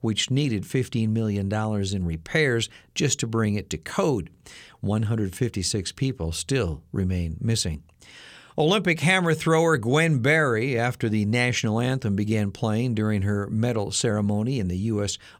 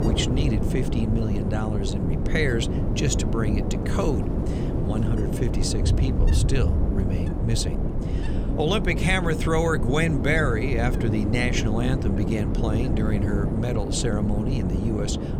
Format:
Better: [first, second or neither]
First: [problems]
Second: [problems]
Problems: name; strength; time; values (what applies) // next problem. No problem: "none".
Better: first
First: none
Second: wind noise on the microphone; heavy; 4 dB below the speech